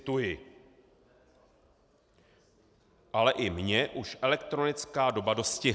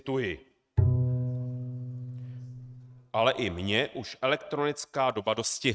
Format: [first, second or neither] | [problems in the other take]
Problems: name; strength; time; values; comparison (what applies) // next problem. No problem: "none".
first | noise reduction (neural mask model RNNoise)